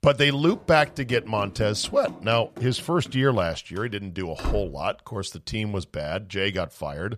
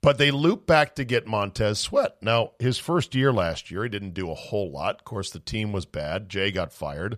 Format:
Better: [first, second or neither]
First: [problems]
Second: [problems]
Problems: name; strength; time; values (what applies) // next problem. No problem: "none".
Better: second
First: door banging; noticeable; until 4.5 s; peak 7 dB below the speech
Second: none